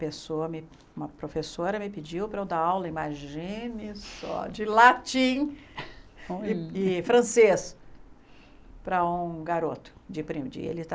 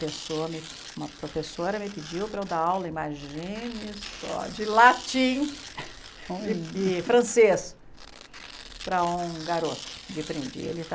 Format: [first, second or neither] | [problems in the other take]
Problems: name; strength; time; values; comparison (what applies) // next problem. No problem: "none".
first | background sound (Tearing); 16 dB below the speech